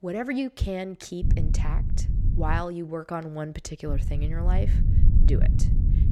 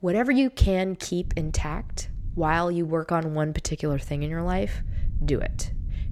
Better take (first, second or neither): second